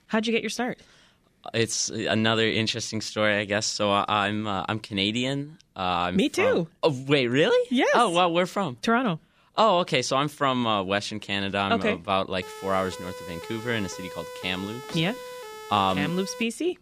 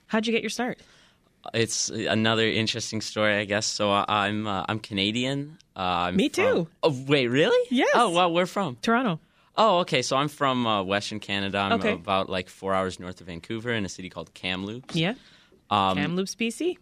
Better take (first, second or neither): second